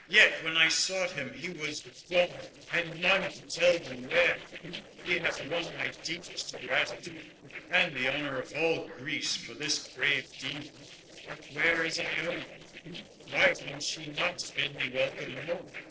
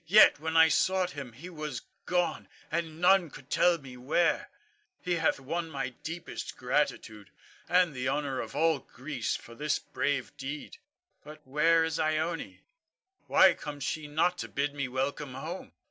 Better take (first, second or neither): second